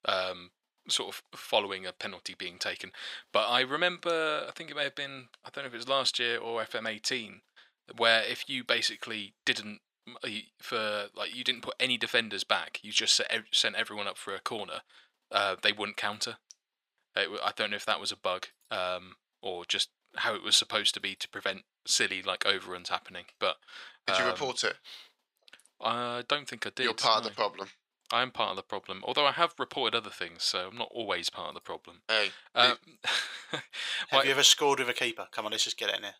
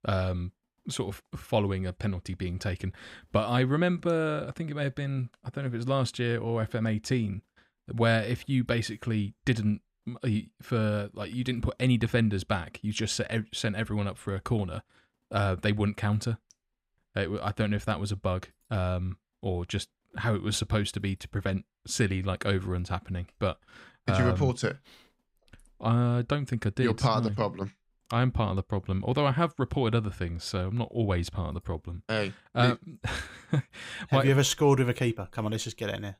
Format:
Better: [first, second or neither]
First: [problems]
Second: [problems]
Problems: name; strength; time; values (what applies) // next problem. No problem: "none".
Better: second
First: thin; very; fading below 600 Hz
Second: none